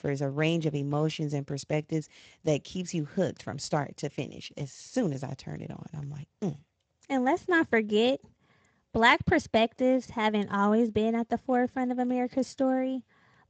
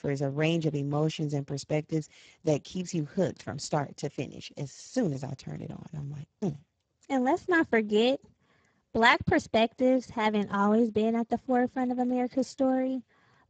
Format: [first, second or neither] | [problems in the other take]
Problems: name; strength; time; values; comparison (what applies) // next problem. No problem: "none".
first | garbled, watery; badly; nothing above 7.5 kHz; slightly in the first